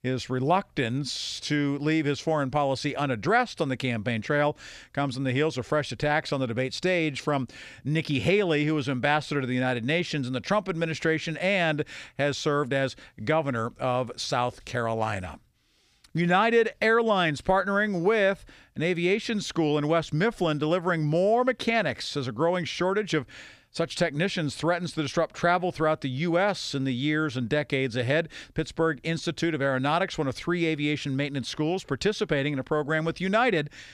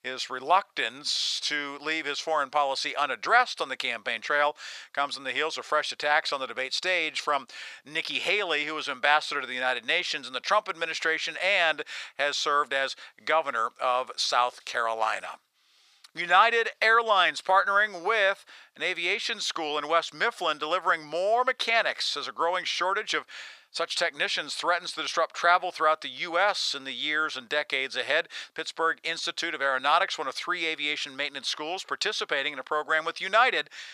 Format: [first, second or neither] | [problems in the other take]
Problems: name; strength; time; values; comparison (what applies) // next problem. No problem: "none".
first | thin; very; fading below 850 Hz